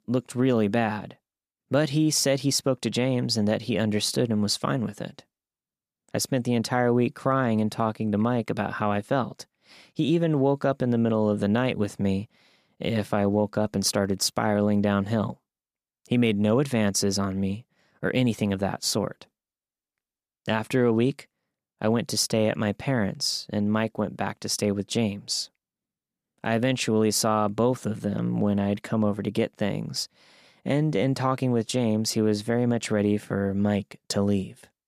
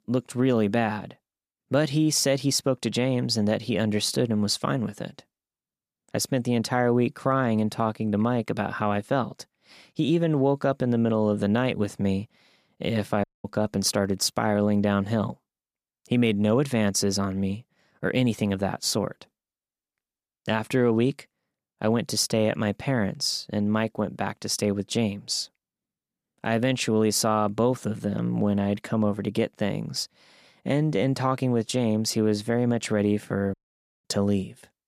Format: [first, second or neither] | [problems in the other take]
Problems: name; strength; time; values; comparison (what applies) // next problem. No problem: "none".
first | audio cutting out; at 13 s and at 34 s for 0.5 s